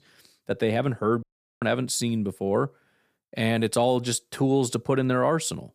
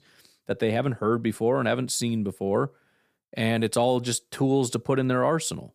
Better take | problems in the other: second | audio cutting out; at 1 s

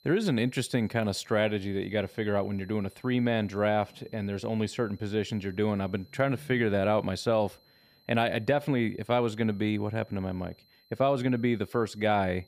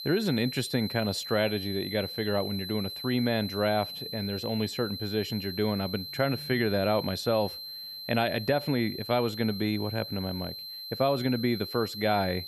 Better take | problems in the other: first | high-pitched whine; loud; throughout; 4 kHz, 7 dB below the speech; faint in the first

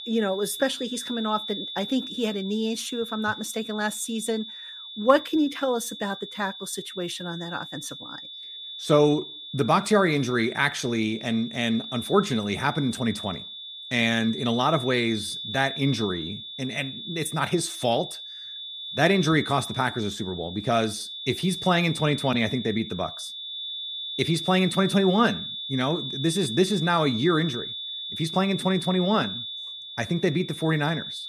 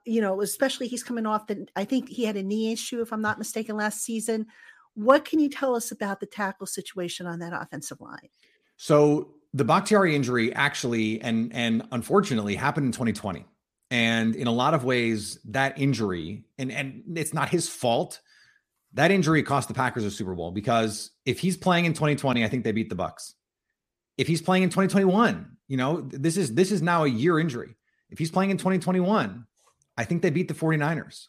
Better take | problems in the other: second | high-pitched whine; loud; throughout; 3.5 kHz, 8 dB below the speech

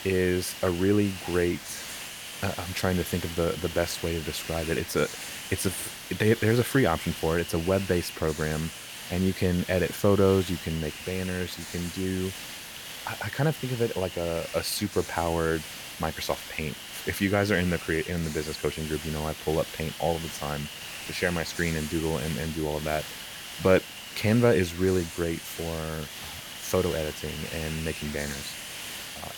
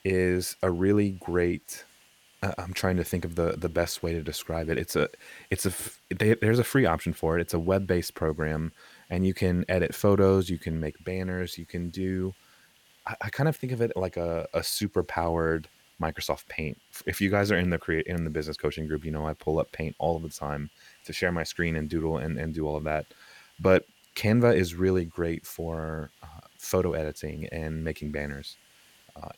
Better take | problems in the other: second | hiss; loud; throughout; 9 dB below the speech; faint in the second

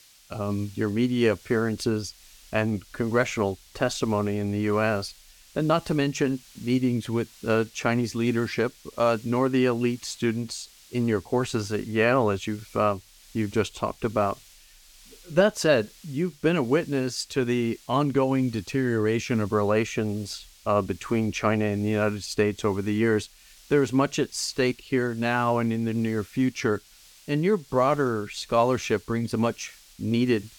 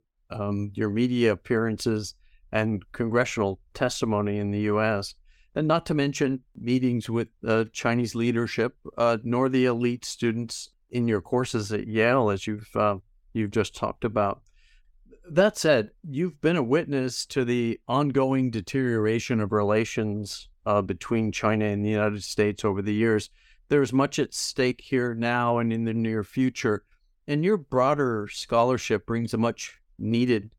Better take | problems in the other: second | hiss; faint; throughout; 25 dB below the speech

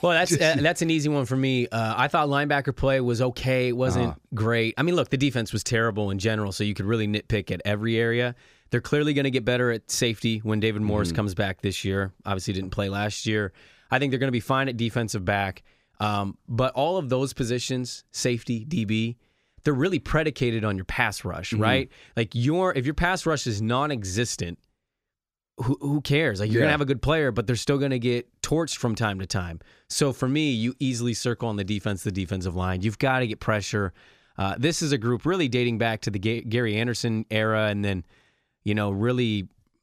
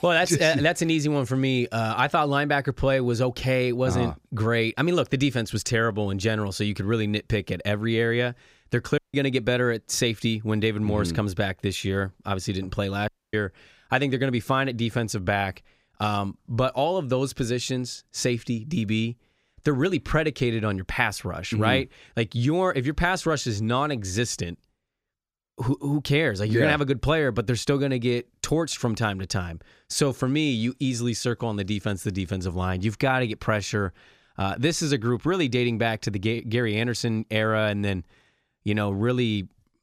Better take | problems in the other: first | audio cutting out; at 9 s and at 13 s

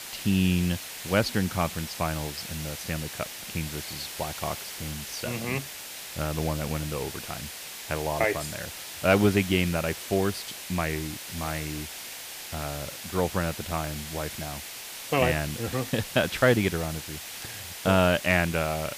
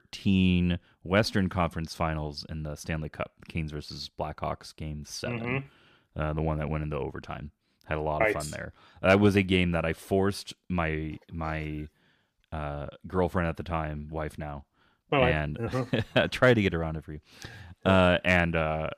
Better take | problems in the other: second | hiss; loud; throughout; 8 dB below the speech

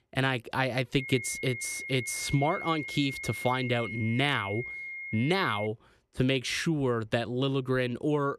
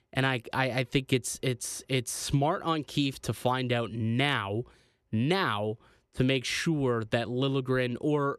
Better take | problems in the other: second | high-pitched whine; loud; from 1 to 5.5 s; 2 kHz, 7 dB below the speech

